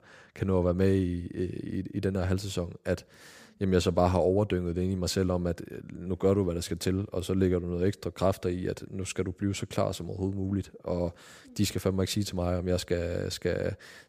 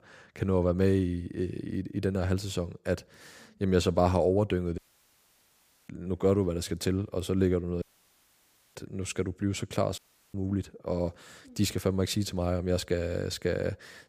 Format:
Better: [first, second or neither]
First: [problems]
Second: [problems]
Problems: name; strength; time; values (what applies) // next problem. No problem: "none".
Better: first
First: none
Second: audio cutting out; at 5 s for 1 s, at 8 s for 1 s and at 10 s